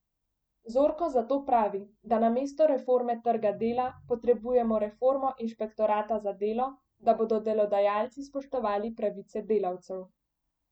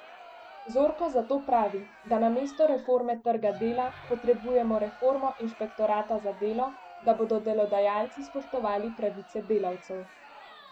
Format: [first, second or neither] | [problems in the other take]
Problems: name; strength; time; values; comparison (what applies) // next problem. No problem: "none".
first | background sound (Dog + Crowd); 20 dB below the speech